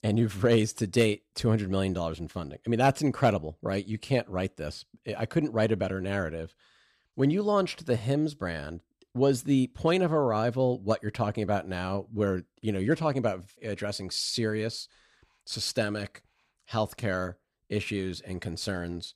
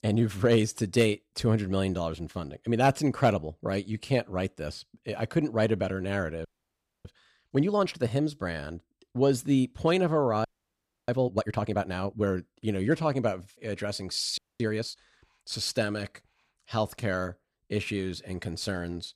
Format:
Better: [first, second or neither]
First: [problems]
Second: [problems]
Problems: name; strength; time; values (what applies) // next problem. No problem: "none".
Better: first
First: none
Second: audio freezing; at 6.5 s for 0.5 s, at 10 s for 0.5 s and at 14 s